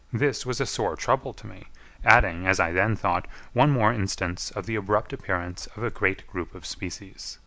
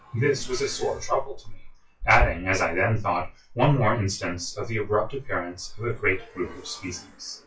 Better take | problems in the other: first | noise reduction (classical method WPE with log-MMSE)

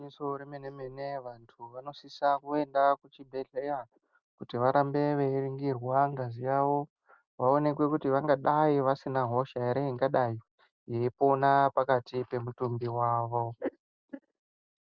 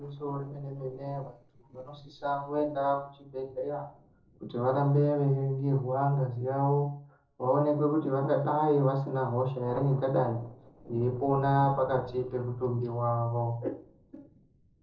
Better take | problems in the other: first | noise reduction (neural separator model SepFormer DNS4)

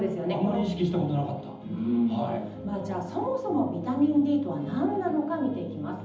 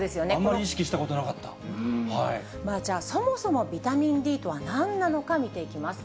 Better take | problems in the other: second | room echo; dies away in 0.8 s

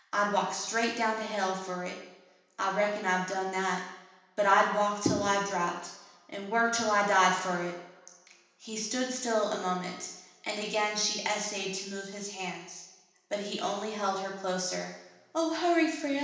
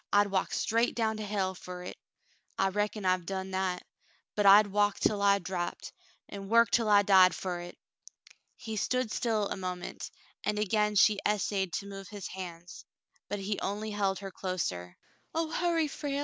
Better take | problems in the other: second | room echo; dies away in 0.9 s

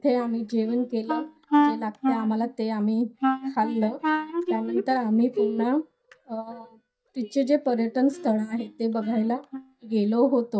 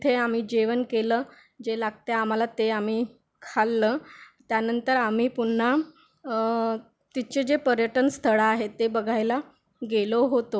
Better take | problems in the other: second | noise reduction (neural mask model DeepFilterNet 3)

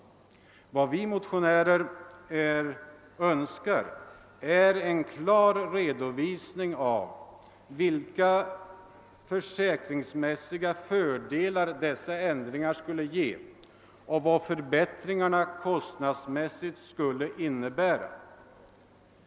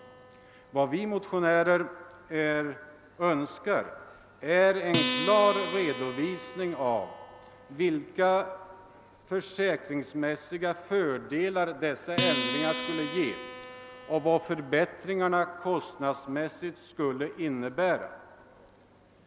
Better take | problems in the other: first | background sound (Acoustic guitar); 10 dB below the speech

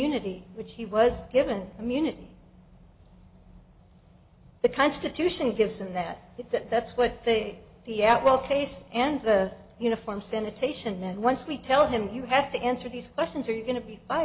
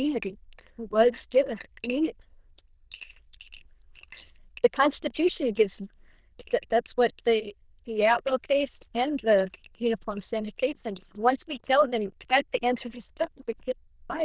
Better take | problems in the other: first | noise reduction (neural diffusion model UNIVERSE++)

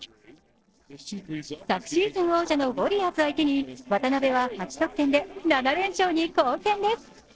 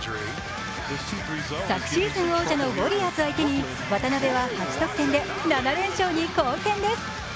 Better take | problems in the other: second | noise reduction (neural separator model SepFormer DNS4)

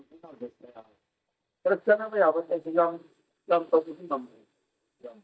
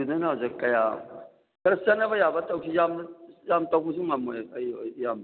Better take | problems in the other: second | noise reduction (neural mask model DeepFilterNet 3)

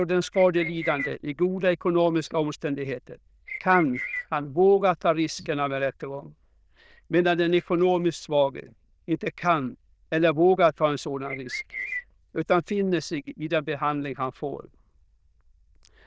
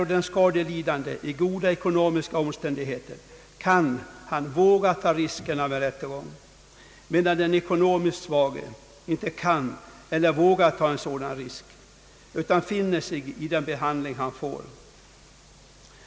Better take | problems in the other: second | noise reduction (neural diffusion model UNIVERSE++)

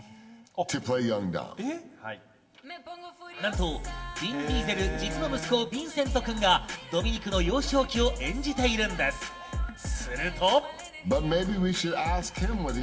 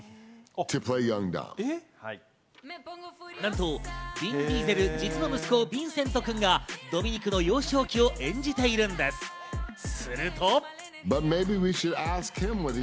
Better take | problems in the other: second | room echo; dies away in 1.5 s

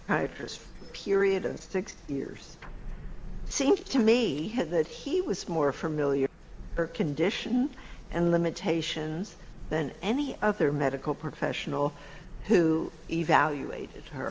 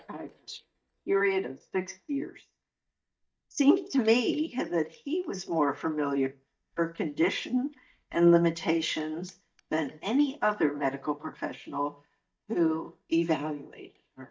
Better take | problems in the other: first | noise reduction (neural mask model DeepFilterNet 3)

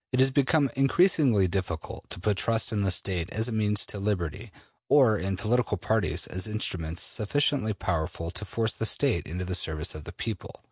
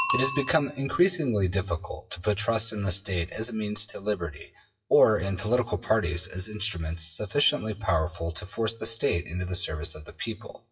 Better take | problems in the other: first | noise reduction (classical method WPE with log-MMSE)

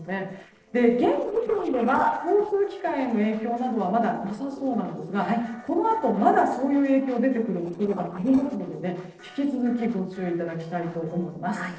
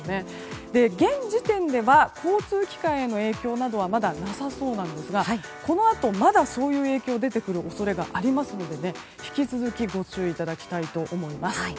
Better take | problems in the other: second | noise reduction (neural separator model SepFormer DNS4)

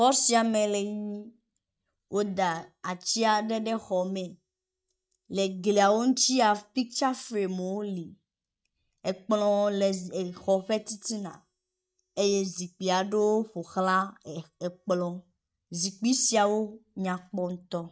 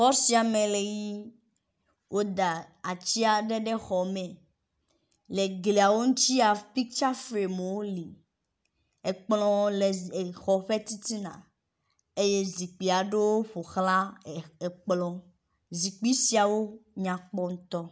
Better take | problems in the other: second | noise reduction (neural mask model DeepFilterNet 3)

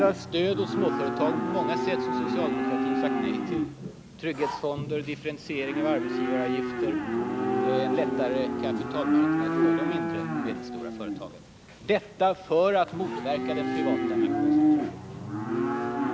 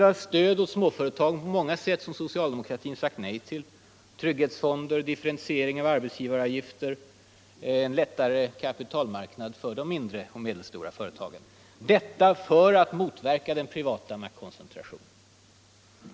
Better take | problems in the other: second | background sound (Livestock, farm animals, working animals); 3 dB above the speech

